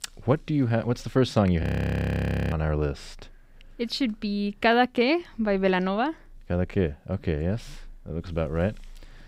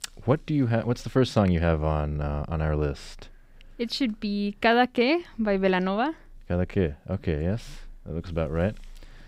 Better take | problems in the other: second | audio freezing; at 1.5 s for 1 s

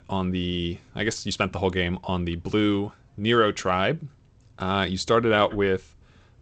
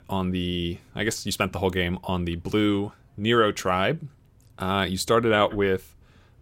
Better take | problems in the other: second | garbled, watery; slightly; nothing above 8 kHz

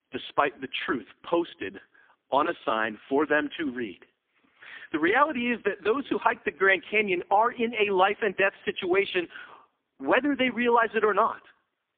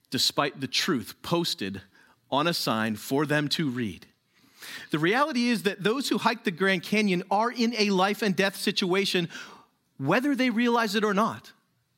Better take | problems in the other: second | phone-call audio; poor line

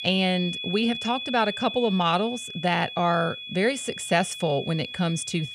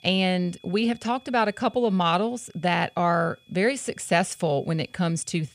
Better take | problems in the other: second | high-pitched whine; loud; throughout; 3.5 kHz, 8 dB below the speech; faint in the second

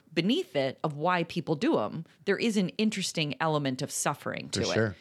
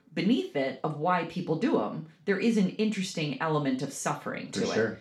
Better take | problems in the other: first | room echo; slight; dies away in 0.3 s // off-mic speech; far

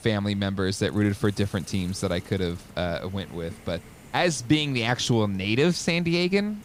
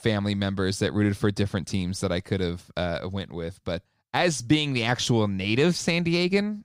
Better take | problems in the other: second | hiss; faint; throughout; 20 dB below the speech

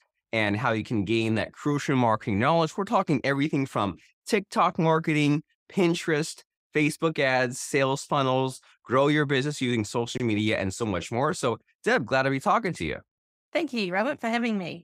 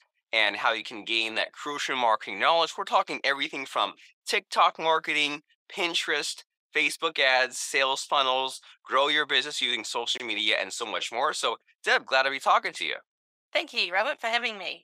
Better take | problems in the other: first | thin; very; fading below 750 Hz

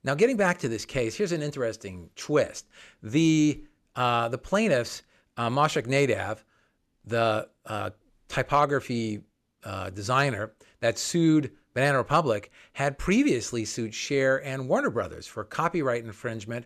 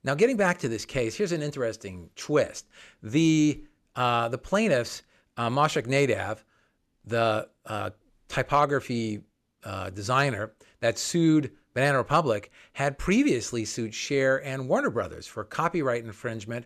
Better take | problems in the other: neither | none

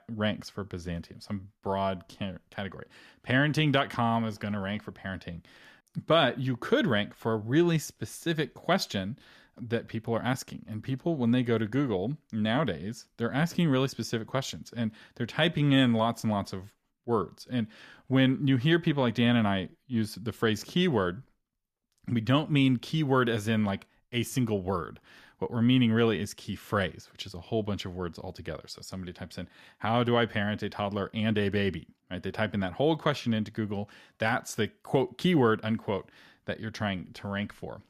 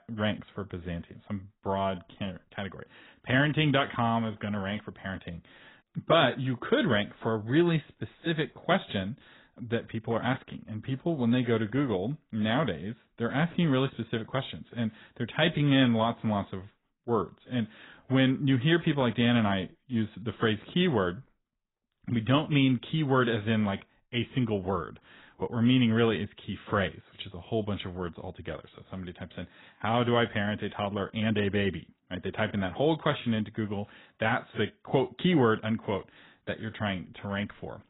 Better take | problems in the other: first | garbled, watery; badly; nothing above 3.5 kHz

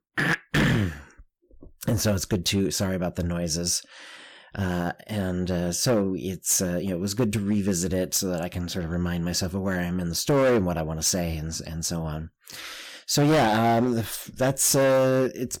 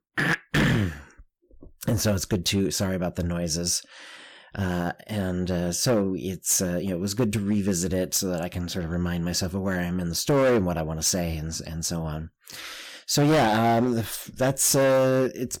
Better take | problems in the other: neither | distortion; heavy; 6% of the sound clipped; the same in both

